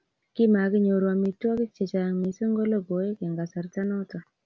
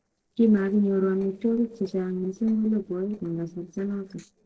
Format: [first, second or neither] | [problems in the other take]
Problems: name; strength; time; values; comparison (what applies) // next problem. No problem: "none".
first | noise reduction (neural separator model SepFormer DNS4)